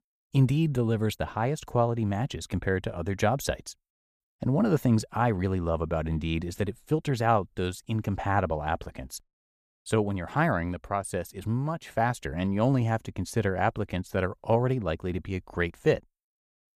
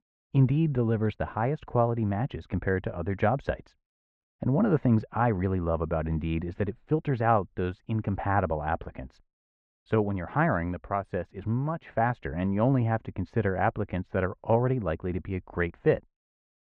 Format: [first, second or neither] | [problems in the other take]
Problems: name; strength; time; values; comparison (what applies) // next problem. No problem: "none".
first | muffled; very; fading above 2 kHz